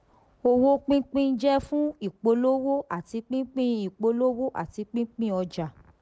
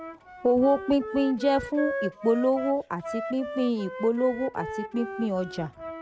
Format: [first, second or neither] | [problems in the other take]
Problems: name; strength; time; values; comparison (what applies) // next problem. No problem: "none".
first | background sound (Wind instrument, woodwind instrument); 10 dB below the speech